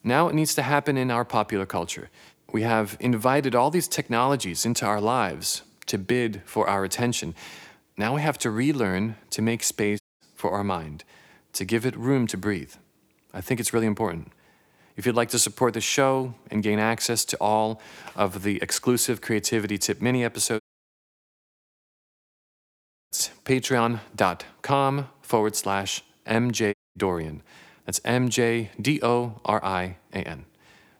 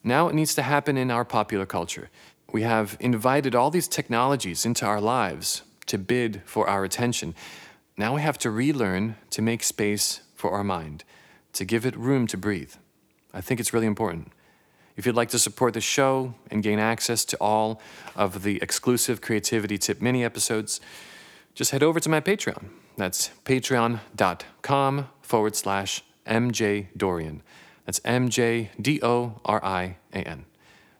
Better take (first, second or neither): second